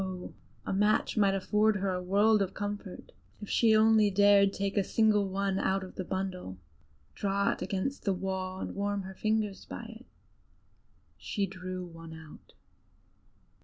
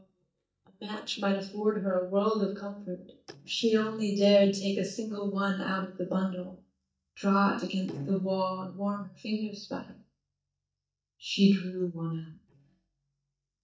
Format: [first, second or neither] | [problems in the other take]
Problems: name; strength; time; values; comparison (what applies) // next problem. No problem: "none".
first | noise reduction (neural mask model DeepFilterNet 3)